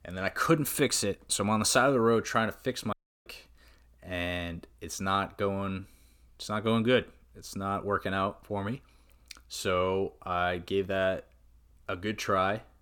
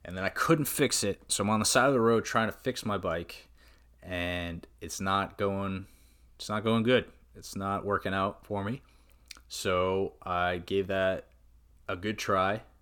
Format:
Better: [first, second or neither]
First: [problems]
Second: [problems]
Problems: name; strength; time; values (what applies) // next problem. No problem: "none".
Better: second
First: audio cutting out; at 3 s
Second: none